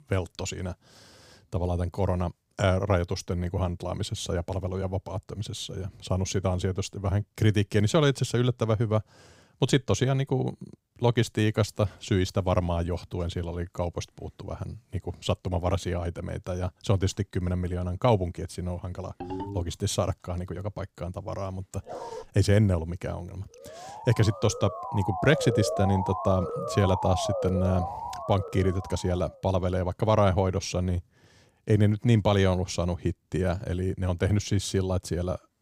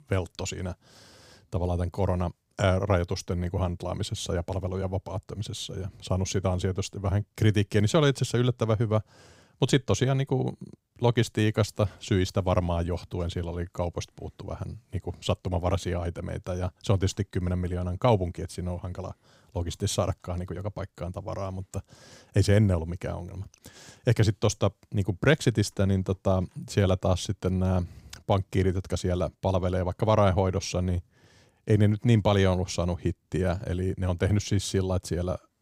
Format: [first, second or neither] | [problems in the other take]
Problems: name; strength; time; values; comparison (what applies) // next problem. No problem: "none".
second | phone ringing; noticeable; at 19 s; peak 8 dB below the speech // dog barking; faint; at 22 s; peak 10 dB below the speech // siren; noticeable; from 24 to 29 s; peak 2 dB below the speech